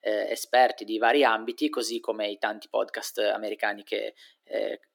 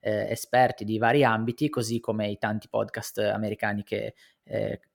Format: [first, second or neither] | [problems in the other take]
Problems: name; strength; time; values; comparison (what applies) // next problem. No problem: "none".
second | thin; somewhat; fading below 300 Hz